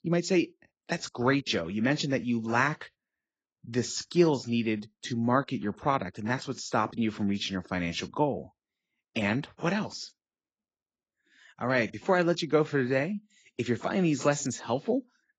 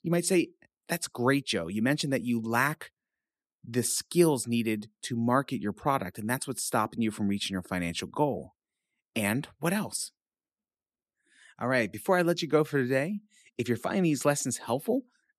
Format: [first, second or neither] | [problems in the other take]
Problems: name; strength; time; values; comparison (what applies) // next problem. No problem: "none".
second | garbled, watery; badly; nothing above 7.5 kHz